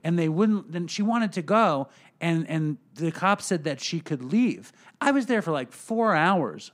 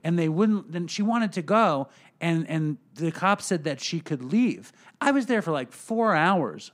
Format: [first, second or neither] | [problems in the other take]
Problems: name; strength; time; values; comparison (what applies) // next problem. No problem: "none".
neither | none